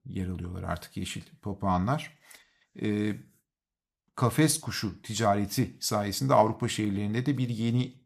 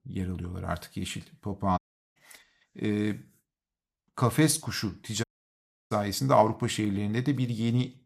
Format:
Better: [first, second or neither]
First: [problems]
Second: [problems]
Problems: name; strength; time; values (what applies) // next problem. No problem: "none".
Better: first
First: none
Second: audio cutting out; at 2 s and at 5 s for 0.5 s